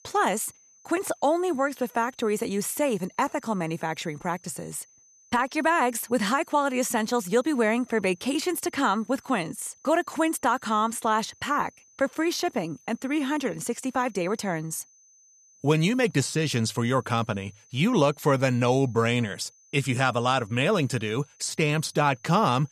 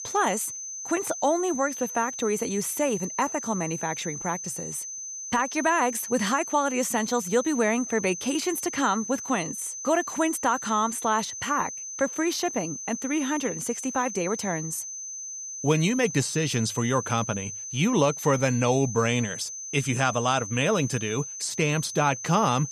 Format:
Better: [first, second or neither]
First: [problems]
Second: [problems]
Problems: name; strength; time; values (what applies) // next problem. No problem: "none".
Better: first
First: high-pitched whine; faint; throughout; 6 kHz, 30 dB below the speech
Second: high-pitched whine; loud; throughout; 6 kHz, 7 dB below the speech